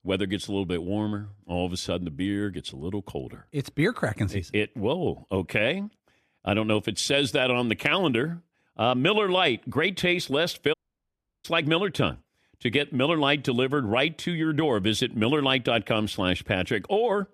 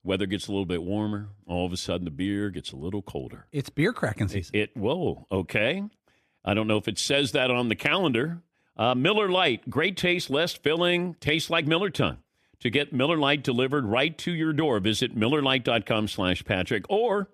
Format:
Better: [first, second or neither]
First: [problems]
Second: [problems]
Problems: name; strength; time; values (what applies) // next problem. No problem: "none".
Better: second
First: audio cutting out; at 11 s for 0.5 s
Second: none